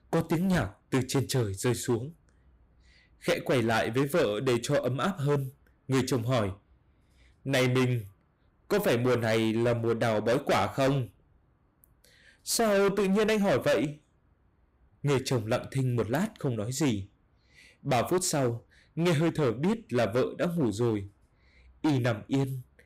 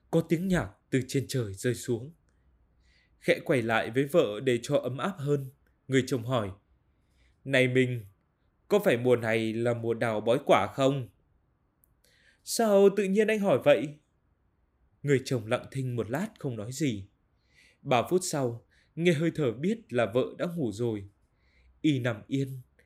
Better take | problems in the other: second | distortion; heavy; 13% of the sound clipped

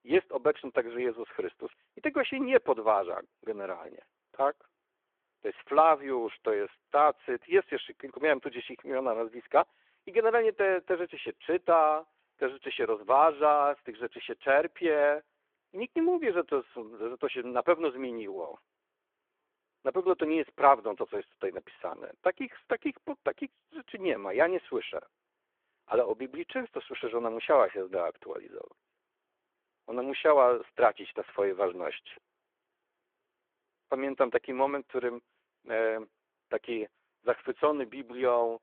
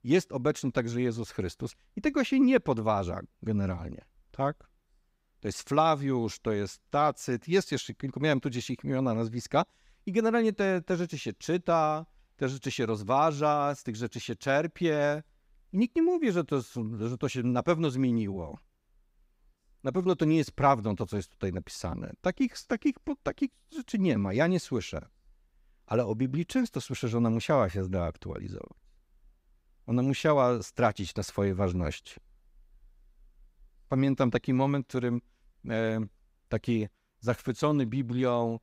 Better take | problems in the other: second | phone-call audio

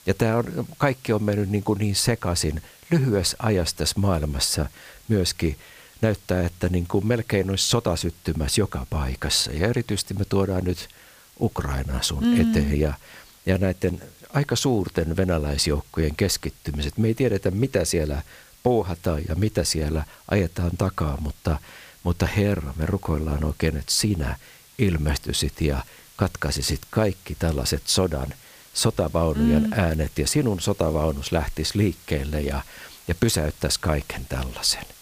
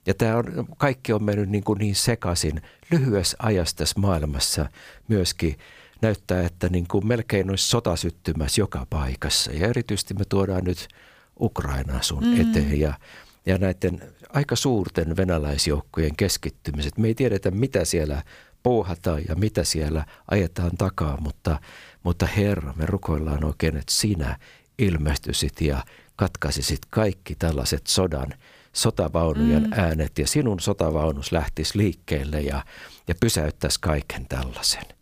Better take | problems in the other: second | hiss; faint; throughout; 25 dB below the speech

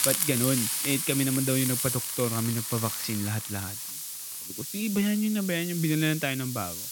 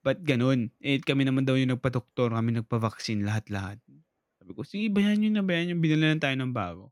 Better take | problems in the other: second | hiss; loud; throughout; 1 dB below the speech

